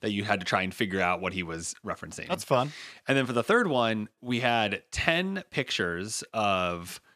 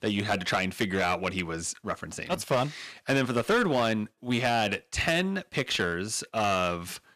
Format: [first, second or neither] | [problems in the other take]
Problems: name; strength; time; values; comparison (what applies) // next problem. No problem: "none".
first | distortion; slight; 7% of the sound clipped